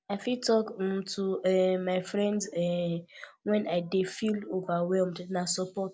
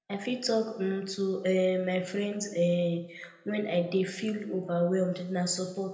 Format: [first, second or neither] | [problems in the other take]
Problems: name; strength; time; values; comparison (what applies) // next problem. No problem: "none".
first | room echo; dies away in 0.8 s